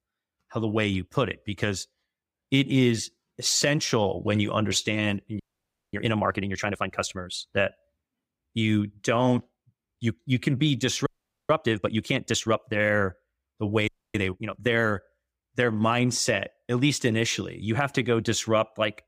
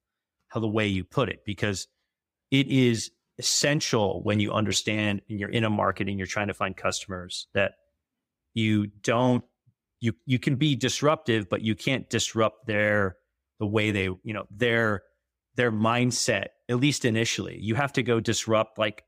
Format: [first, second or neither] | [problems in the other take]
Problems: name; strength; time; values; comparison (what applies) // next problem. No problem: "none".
second | audio freezing; at 5.5 s for 0.5 s, at 11 s and at 14 s